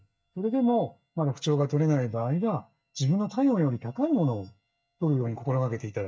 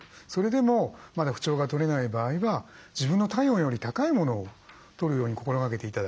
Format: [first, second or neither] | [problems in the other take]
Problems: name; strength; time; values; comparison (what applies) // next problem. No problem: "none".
second | noise reduction (neural mask model DeepFilterNet 3)